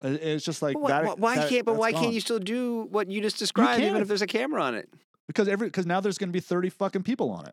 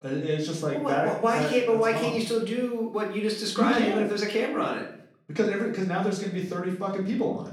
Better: first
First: none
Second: room echo; noticeable; dies away in 0.5 s // off-mic speech; far

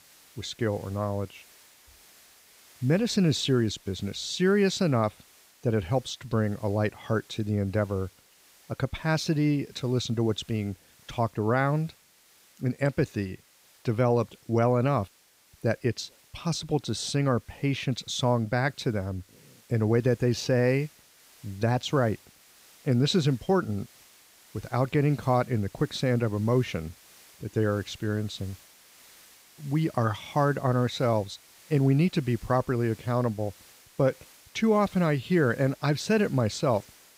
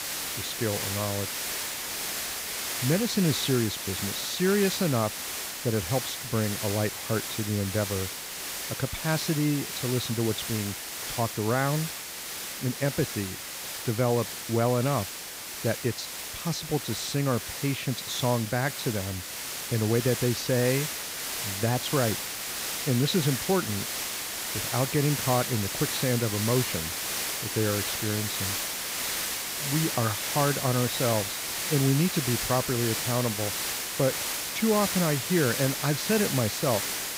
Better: first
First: hiss; faint; throughout; 25 dB below the speech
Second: hiss; loud; throughout; 2 dB below the speech

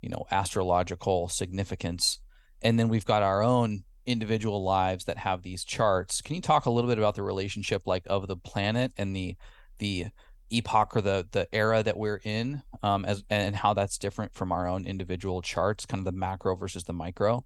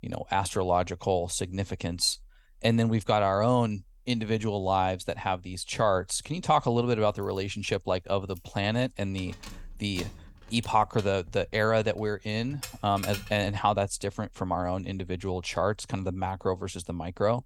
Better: first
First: none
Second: jangling keys; noticeable; from 7 to 14 s; peak 9 dB below the speech

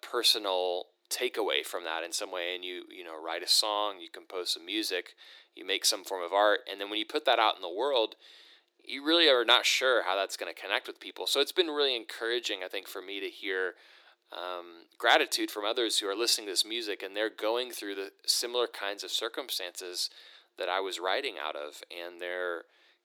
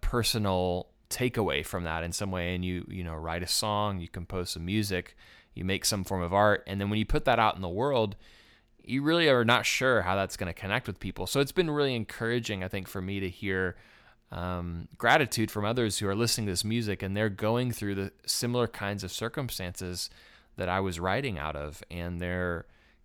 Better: second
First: thin; very; fading below 300 Hz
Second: none

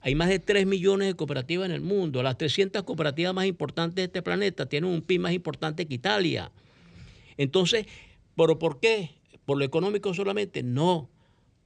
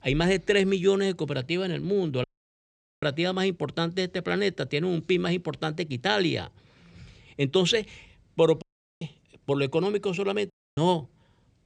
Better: first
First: none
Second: audio cutting out; at 2 s for 1 s, at 8.5 s and at 11 s

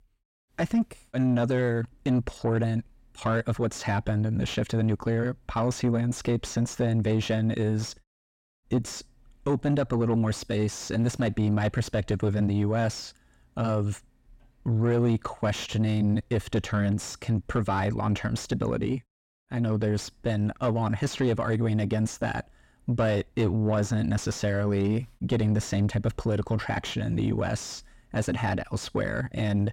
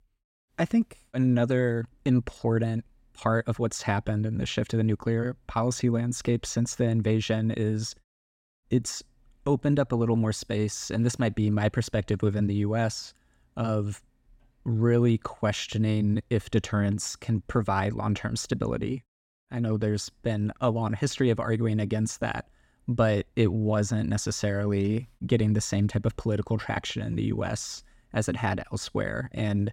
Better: second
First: distortion; slight; 10 dB below the speech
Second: none

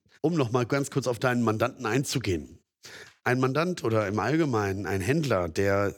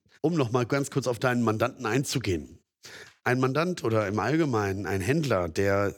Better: neither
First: none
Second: none

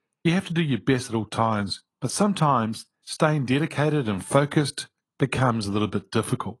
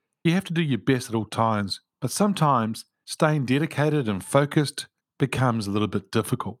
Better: second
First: garbled, watery; slightly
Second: none

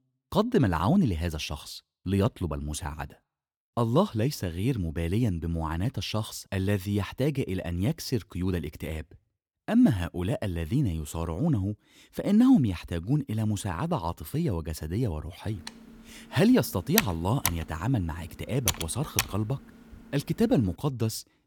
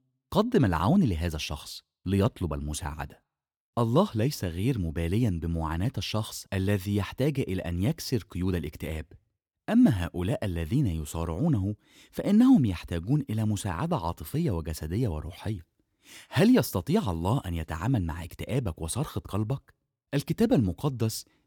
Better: second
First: keyboard typing; loud; from 16 to 19 s; peak 1 dB above the speech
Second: none

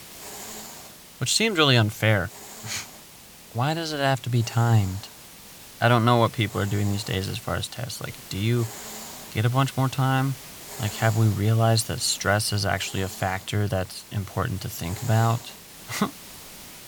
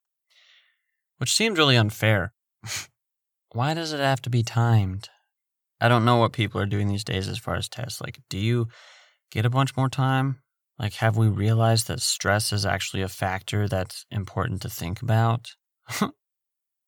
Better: second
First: hiss; noticeable; throughout; 15 dB below the speech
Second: none

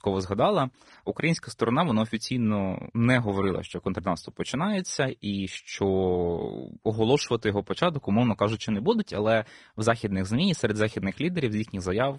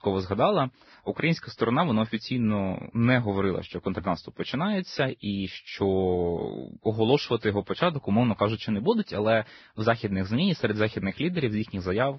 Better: first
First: garbled, watery; slightly; nothing above 10.5 kHz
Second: garbled, watery; badly; nothing above 5.5 kHz

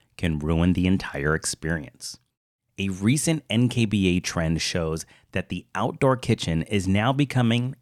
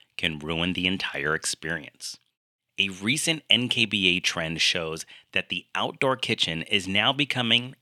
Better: first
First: none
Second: thin; very slightly; fading below 700 Hz

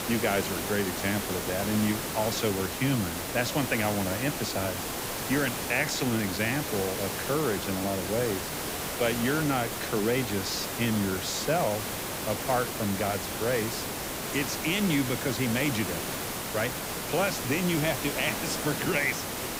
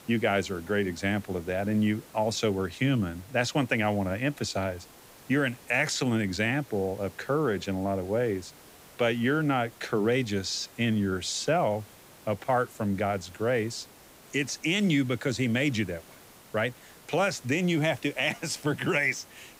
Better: second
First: hiss; loud; throughout; 2 dB below the speech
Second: hiss; faint; throughout; 20 dB below the speech

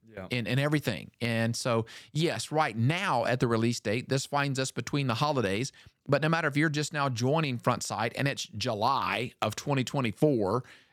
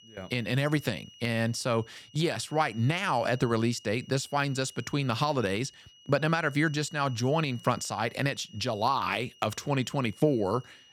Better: first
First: none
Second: high-pitched whine; faint; throughout; 3 kHz, 25 dB below the speech

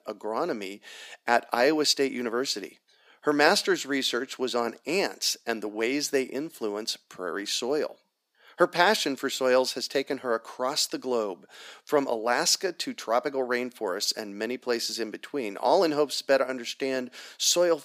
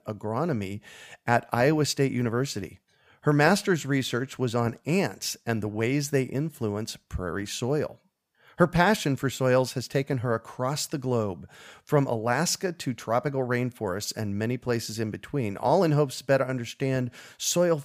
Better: second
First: thin; somewhat; fading below 250 Hz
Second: none

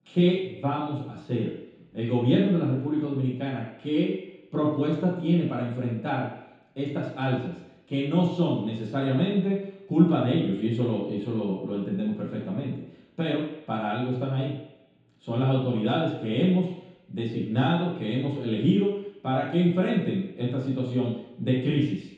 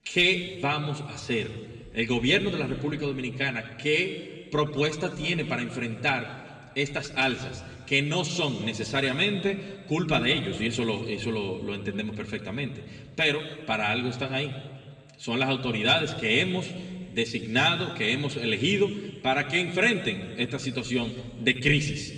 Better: second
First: room echo; strong; dies away in 0.8 s // off-mic speech; far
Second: room echo; slight; dies away in 1.7 s // off-mic speech; somewhat distant

